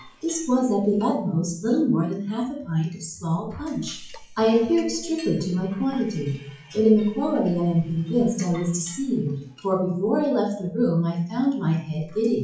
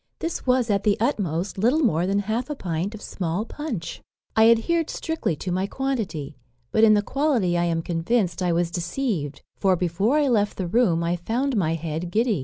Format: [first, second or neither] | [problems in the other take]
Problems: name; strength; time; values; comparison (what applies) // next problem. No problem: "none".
second | noise reduction (classical method WPE with log-MMSE)